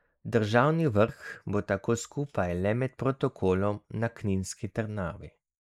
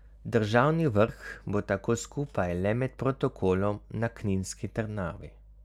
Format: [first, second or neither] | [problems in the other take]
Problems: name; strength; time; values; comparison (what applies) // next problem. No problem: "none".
second | noise reduction (neural mask model Resemble Enhance denoiser)